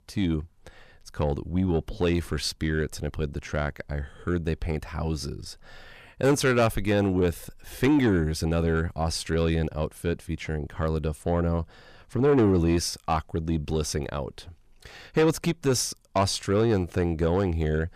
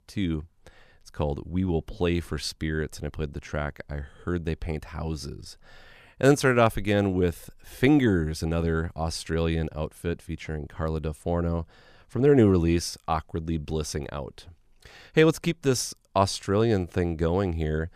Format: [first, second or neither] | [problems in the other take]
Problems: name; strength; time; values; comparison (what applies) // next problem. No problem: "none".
second | distortion; slight; 10 dB below the speech